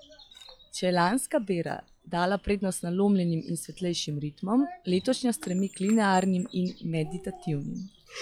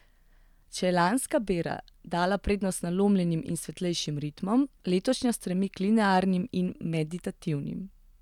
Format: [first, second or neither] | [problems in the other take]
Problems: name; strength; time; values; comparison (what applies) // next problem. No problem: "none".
second | noise reduction (classical method log-MMSE)